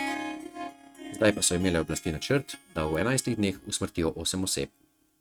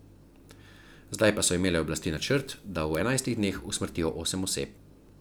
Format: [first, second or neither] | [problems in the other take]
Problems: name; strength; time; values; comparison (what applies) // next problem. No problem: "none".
second | noise reduction (neural mask model RNNoise)